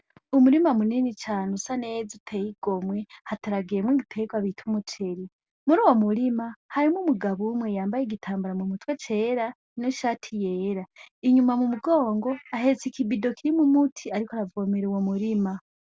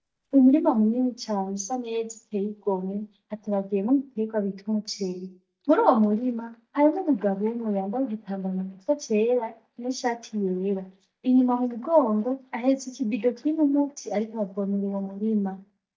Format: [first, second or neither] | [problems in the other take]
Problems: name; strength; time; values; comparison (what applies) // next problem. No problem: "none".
first | noise reduction (neural mask model DeepFilterNet 3)